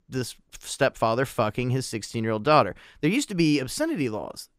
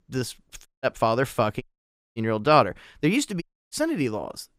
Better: first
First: none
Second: audio cutting out; at 0.5 s, at 1.5 s for 0.5 s and at 3.5 s

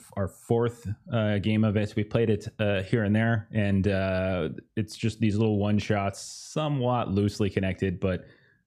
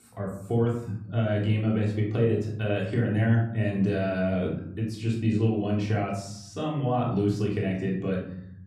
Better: first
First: none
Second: off-mic speech; far // room echo; noticeable; dies away in 0.9 s

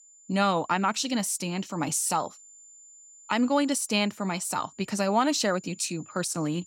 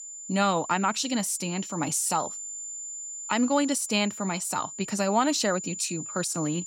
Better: first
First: high-pitched whine; faint; throughout; 7 kHz, 25 dB below the speech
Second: high-pitched whine; loud; throughout; 7 kHz, 9 dB below the speech

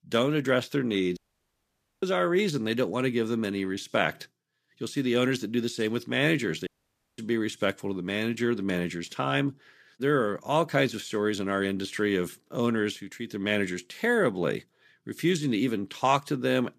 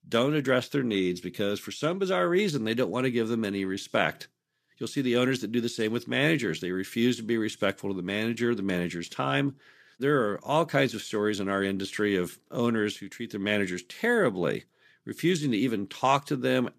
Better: second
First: audio cutting out; at 1 s for 1 s and at 6.5 s for 0.5 s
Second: none

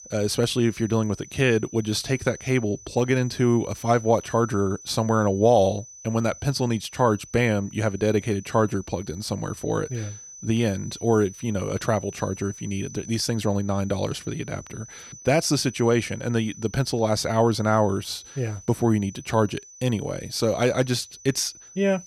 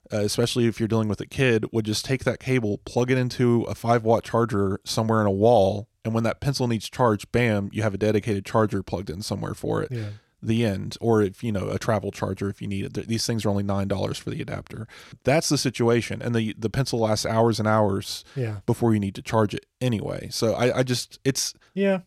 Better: second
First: high-pitched whine; noticeable; throughout; 6 kHz, 20 dB below the speech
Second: none

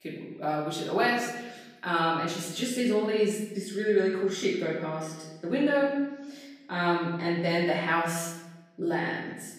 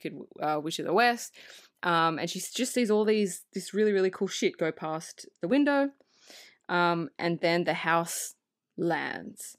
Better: second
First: off-mic speech; far // room echo; noticeable; dies away in 1.1 s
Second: none

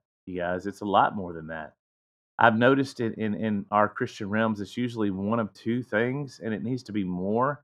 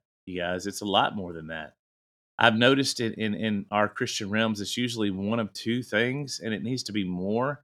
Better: second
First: muffled; very; fading above 2 kHz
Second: none

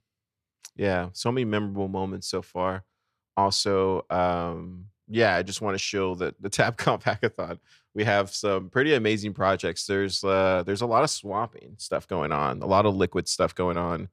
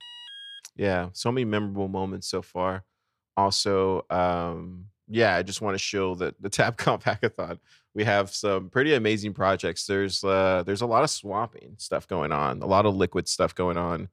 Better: first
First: none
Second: alarm; faint; at the start; peak 15 dB below the speech

